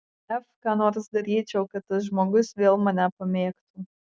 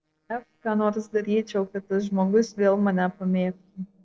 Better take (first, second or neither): first